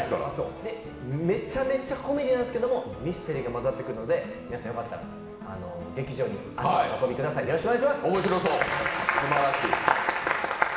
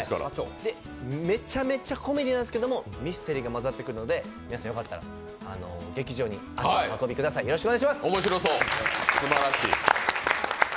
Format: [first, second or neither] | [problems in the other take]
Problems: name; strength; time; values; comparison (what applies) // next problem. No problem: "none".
second | room echo; dies away in 2 s